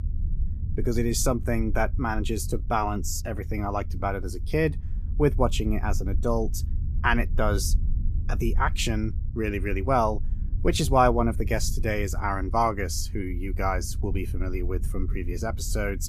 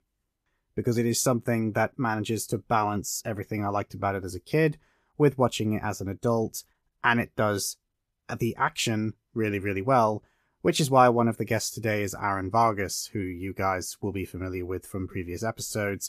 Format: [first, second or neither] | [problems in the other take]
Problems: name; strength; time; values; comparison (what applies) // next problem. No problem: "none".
second | low rumble; faint; throughout; 20 dB below the speech